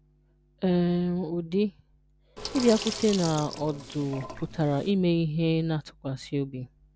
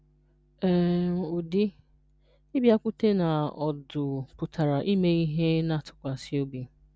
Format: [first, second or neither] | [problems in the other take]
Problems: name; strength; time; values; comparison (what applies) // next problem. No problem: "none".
second | background sound (Sink (filling or washing)); 10 dB below the speech